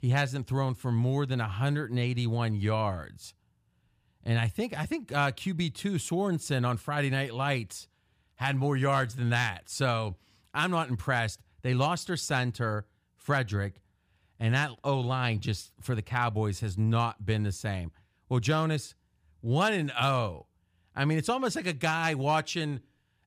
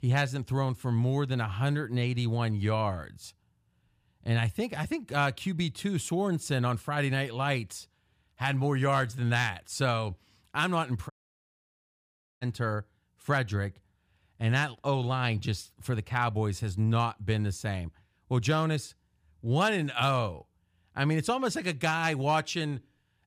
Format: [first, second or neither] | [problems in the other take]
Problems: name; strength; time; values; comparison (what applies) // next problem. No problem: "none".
first | audio cutting out; at 11 s for 1.5 s